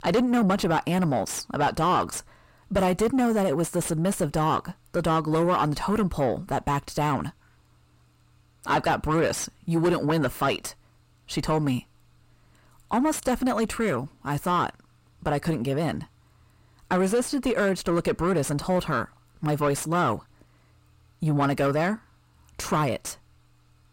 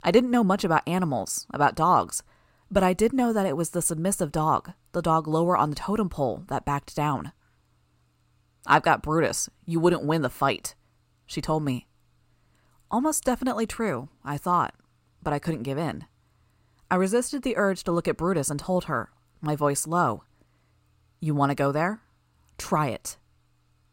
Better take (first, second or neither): second